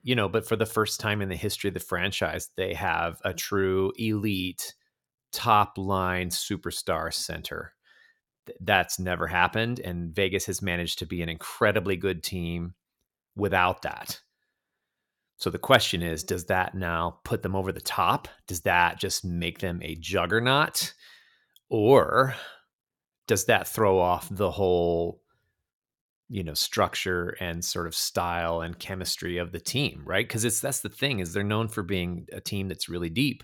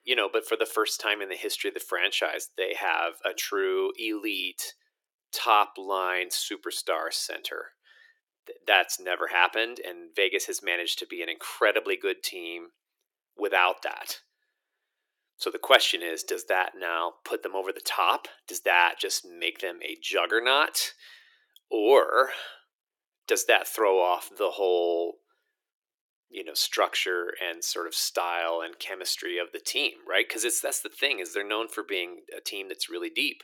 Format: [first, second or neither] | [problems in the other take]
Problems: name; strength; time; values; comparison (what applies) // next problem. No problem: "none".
first | thin; very; fading below 350 Hz